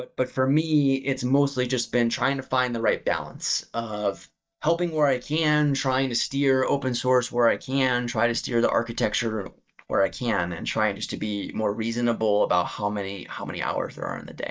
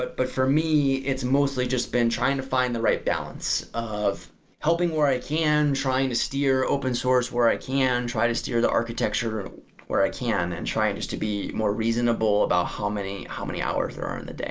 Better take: second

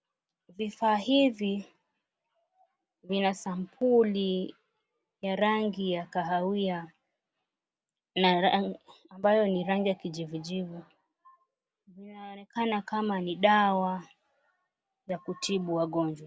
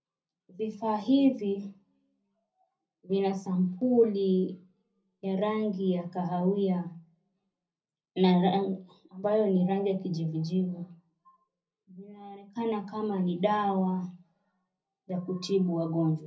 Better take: first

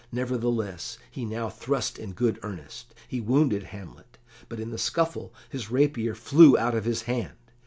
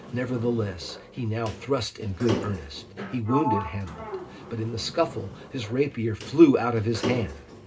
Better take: first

